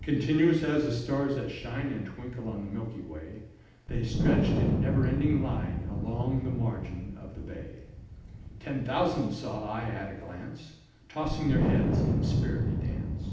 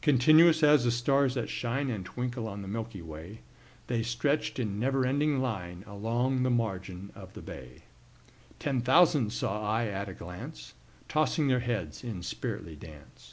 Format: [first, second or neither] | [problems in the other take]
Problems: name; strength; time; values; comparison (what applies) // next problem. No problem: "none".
second | background sound (Wind); as loud as the speech // room echo; dies away in 0.8 s